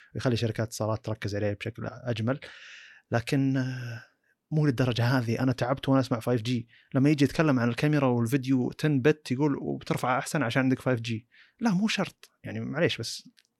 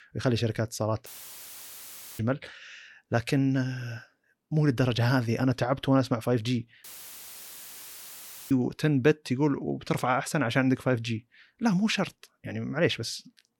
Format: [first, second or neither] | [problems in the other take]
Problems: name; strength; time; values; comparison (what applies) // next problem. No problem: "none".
first | audio cutting out; filled with static; at 1 s for 1 s and at 7 s for 1.5 s